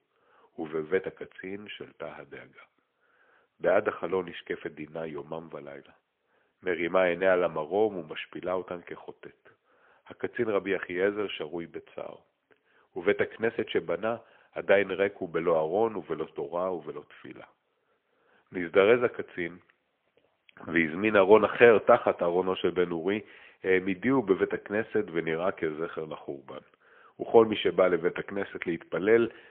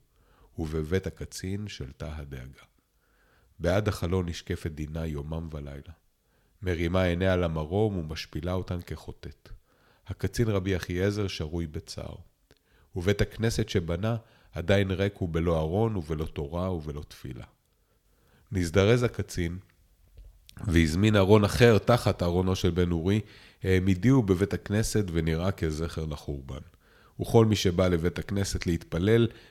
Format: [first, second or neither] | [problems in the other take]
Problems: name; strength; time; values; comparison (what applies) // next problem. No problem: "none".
second | phone-call audio; poor line; nothing above 3.5 kHz